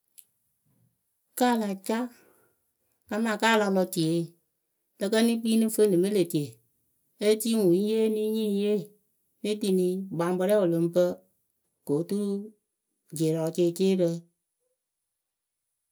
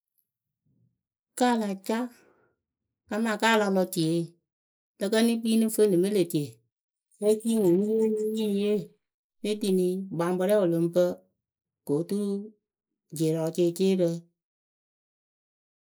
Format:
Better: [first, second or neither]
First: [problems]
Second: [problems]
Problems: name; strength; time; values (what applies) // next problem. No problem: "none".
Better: first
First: none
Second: noise reduction (neural mask model Resemble Enhance denoiser)